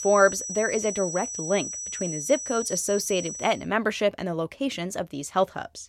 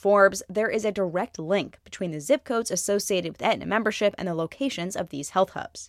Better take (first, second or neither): second